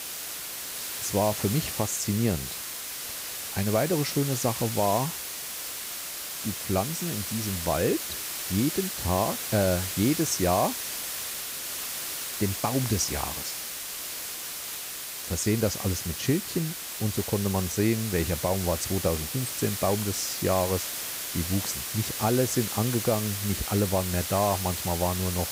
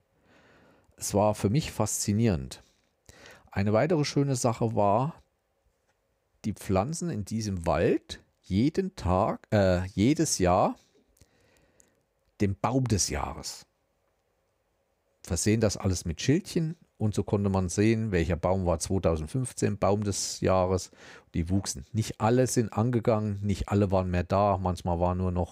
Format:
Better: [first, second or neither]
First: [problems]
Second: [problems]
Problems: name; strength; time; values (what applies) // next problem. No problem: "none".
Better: second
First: hiss; loud; throughout; 3 dB below the speech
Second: none